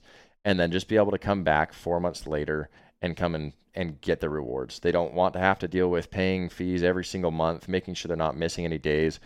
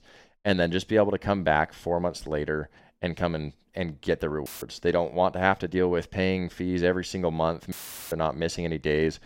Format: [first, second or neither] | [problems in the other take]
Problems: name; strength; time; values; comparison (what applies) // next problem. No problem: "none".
first | audio cutting out; filled with static; at 4.5 s and at 7.5 s